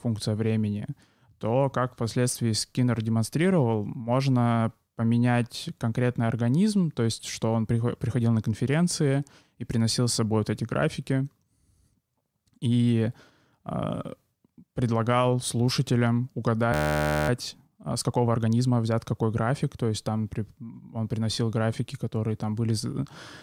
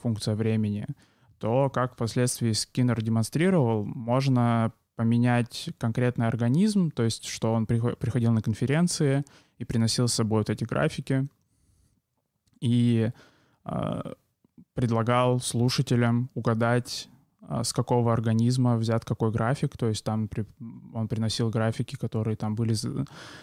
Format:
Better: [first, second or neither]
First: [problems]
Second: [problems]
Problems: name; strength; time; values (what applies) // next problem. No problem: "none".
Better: second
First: audio freezing; at 17 s for 0.5 s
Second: none